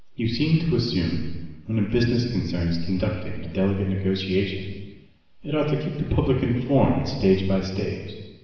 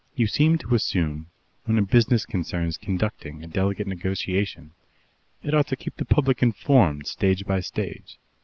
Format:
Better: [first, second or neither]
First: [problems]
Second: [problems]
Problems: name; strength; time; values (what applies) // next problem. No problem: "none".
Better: second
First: room echo; dies away in 1.2 s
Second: none